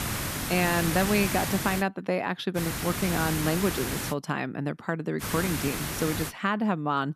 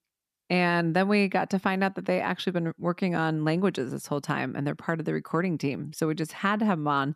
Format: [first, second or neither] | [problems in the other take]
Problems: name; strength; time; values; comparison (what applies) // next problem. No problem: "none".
second | hiss; loud; until 2 s, from 2.5 to 4 s and from 5 to 6.5 s; 3 dB below the speech